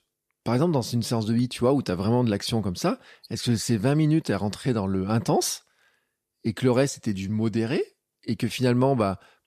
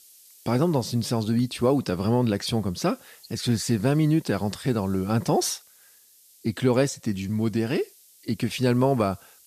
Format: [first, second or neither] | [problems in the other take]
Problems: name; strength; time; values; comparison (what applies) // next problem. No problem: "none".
first | hiss; faint; throughout; 25 dB below the speech